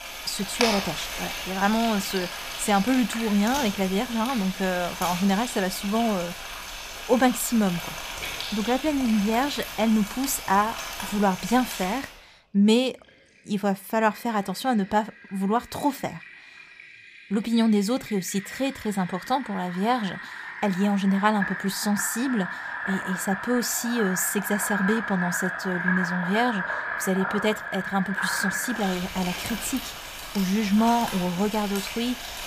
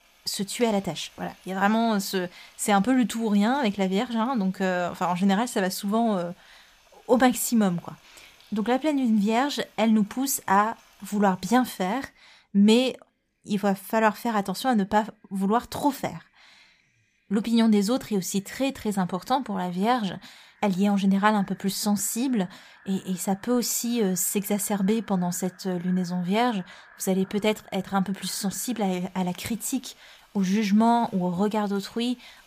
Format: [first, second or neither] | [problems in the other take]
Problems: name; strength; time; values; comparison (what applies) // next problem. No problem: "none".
second | household noises; loud; throughout; 6 dB below the speech; faint in the second